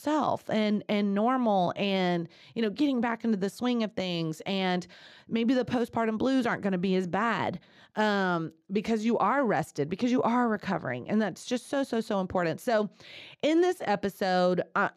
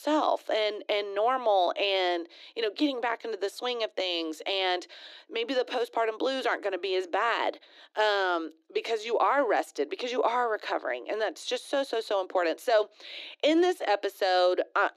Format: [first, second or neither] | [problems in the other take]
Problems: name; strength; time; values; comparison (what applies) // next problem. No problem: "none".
first | thin; very; fading below 300 Hz